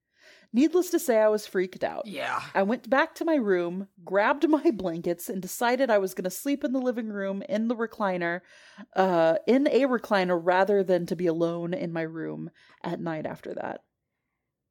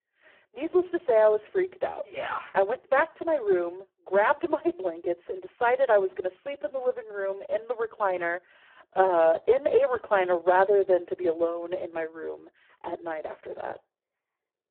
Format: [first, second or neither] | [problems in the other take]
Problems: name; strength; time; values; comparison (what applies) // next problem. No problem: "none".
first | phone-call audio; poor line